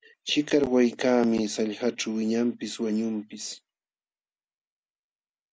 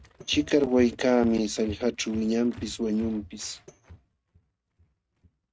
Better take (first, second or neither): first